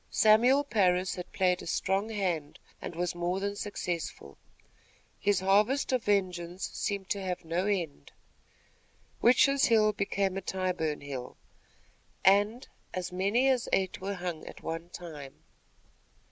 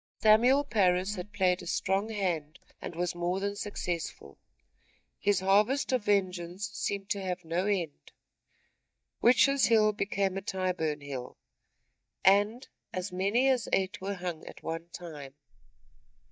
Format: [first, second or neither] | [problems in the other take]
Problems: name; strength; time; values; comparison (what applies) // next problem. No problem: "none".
first | noise reduction (neural mask model DeepFilterNet 3)